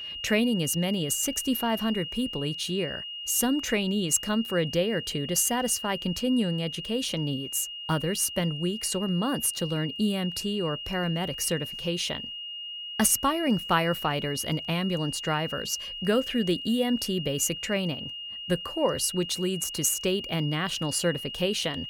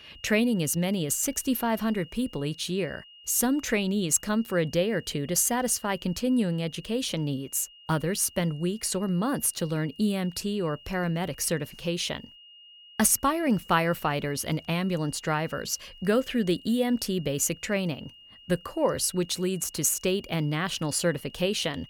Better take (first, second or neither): second